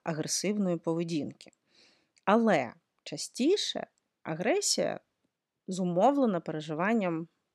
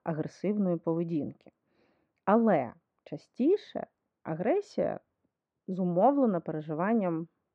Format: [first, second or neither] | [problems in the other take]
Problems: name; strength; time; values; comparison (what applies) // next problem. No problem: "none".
first | muffled; very; fading above 1.5 kHz